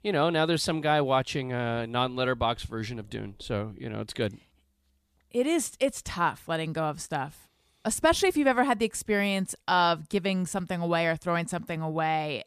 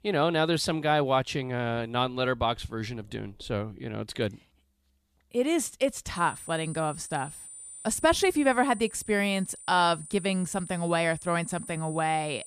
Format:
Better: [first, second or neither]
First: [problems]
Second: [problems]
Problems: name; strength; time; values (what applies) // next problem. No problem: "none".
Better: first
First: none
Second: high-pitched whine; noticeable; from 6 s on; 9 kHz, 15 dB below the speech